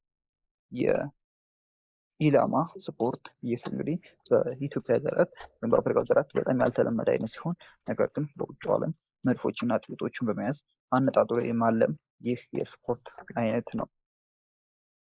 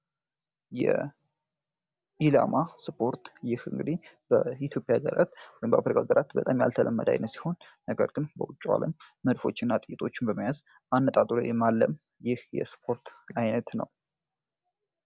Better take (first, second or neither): second